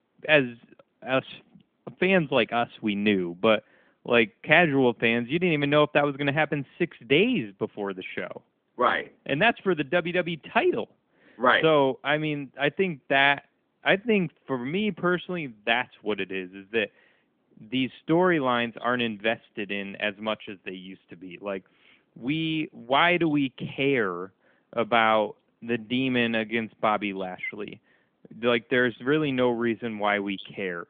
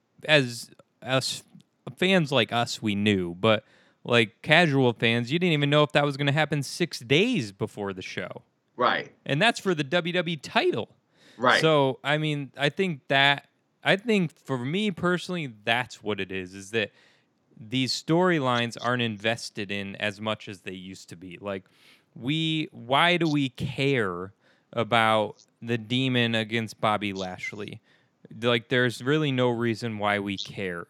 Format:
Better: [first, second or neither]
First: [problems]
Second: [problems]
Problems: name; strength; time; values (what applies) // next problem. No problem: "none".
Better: second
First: phone-call audio; nothing above 3.5 kHz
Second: none